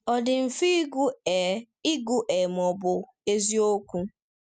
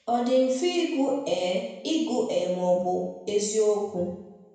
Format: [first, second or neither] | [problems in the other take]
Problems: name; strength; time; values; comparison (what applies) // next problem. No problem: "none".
first | room echo; dies away in 0.8 s